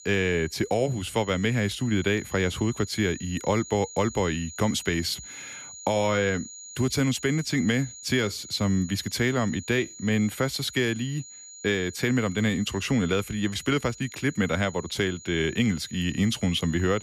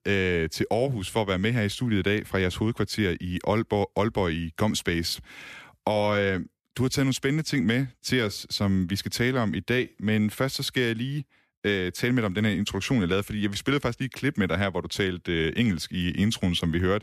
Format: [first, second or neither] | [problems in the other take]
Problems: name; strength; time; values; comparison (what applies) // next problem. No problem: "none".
second | high-pitched whine; noticeable; throughout; 7 kHz, 15 dB below the speech